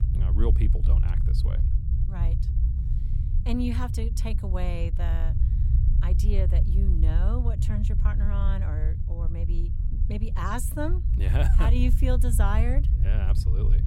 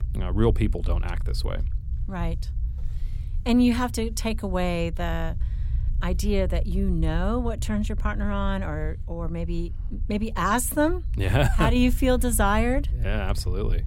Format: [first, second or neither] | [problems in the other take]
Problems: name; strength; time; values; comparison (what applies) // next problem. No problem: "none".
second | low rumble; loud; throughout; 6 dB below the speech; faint in the second